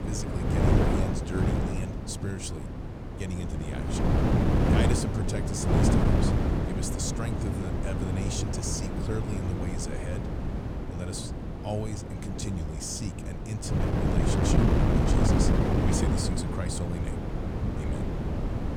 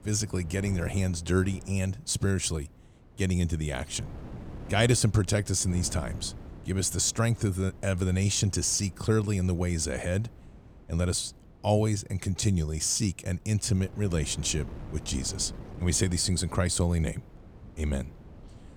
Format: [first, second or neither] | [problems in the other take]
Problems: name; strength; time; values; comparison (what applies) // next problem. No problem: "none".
second | wind noise on the microphone; heavy; 5 dB above the speech; occasional gusts in the second